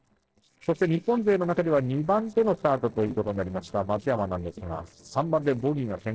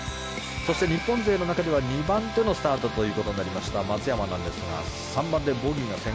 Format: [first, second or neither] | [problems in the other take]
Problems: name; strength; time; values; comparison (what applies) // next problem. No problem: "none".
second | noise reduction (neural separator model SepFormer DNS4)